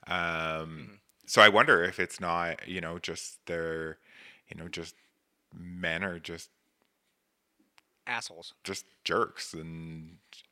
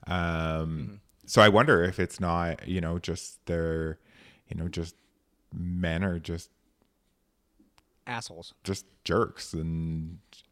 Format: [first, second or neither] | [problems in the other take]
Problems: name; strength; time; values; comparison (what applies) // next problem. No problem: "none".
second | thin; somewhat; fading below 1 kHz